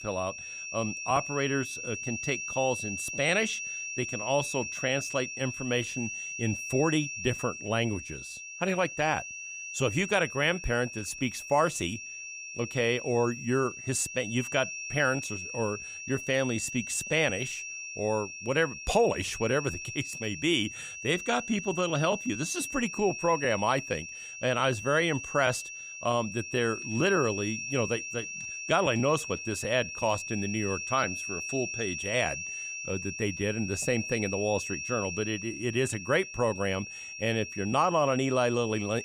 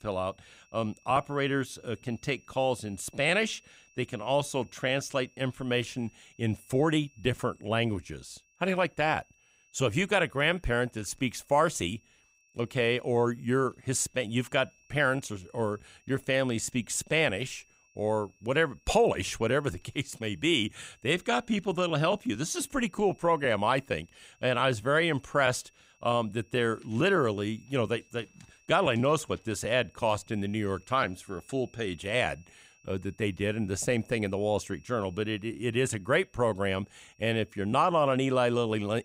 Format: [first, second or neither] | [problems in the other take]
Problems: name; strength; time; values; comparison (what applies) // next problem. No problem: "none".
second | high-pitched whine; loud; throughout; 2.5 kHz, 7 dB below the speech; faint in the second